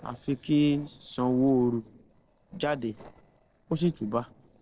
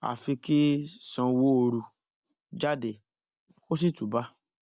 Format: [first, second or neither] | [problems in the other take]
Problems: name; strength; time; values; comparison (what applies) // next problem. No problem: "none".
second | noise reduction (neural separator model SepFormer DNS4)